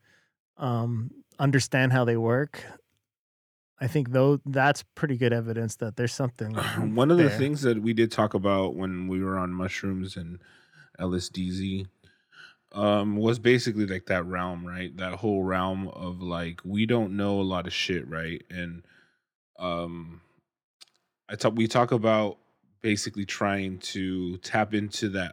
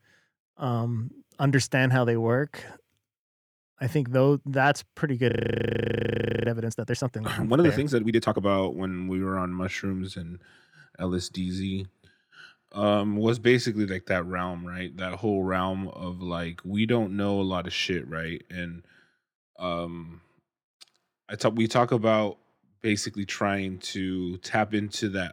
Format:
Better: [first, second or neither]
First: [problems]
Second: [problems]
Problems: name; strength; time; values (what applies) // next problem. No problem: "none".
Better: first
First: none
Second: audio freezing; at 5.5 s for 1 s